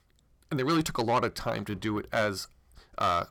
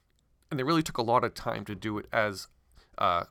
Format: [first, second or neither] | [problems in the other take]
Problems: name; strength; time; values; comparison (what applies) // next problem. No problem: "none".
second | distortion; slight; 10 dB below the speech